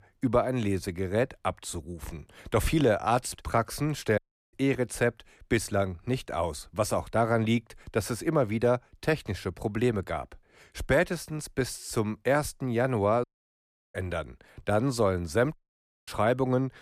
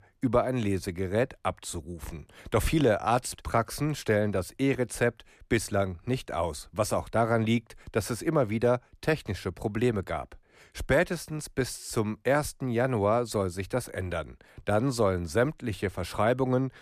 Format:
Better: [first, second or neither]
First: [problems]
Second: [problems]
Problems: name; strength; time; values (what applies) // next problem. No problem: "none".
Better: second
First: audio cutting out; at 4 s, at 13 s for 0.5 s and at 16 s for 0.5 s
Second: none